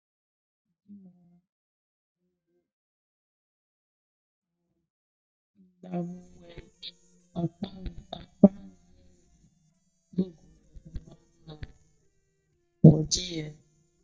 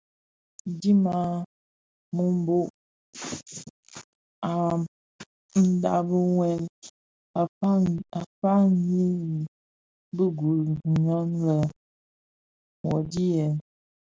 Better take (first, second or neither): second